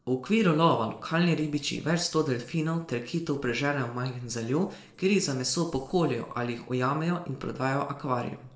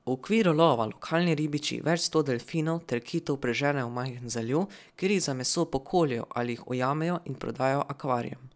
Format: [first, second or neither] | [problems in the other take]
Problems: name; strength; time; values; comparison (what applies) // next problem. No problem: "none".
second | noise reduction (neural separator model SepFormer DNS4)